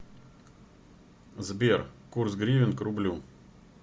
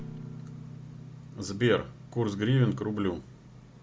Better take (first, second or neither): first